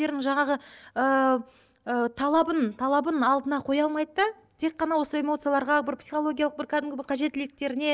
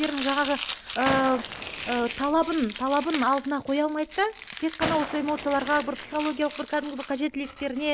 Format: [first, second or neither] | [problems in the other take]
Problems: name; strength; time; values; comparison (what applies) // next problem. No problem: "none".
first | background sound (Domestic sounds, home sounds + Gunshot, gunfire); 10 dB below the speech